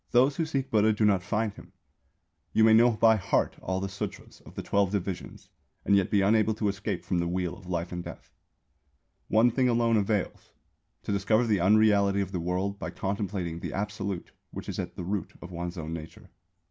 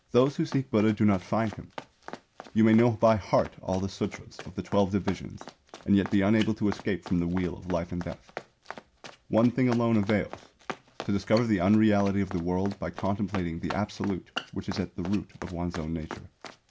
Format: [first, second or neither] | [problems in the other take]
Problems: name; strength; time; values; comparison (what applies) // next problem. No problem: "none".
first | background sound (Run); 16 dB below the speech